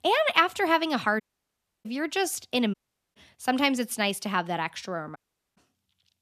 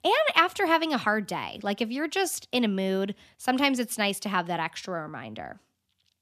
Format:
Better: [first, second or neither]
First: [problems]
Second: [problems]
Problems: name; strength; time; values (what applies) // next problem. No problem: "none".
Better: second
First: audio cutting out; at 1 s for 0.5 s, at 2.5 s and at 5 s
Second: none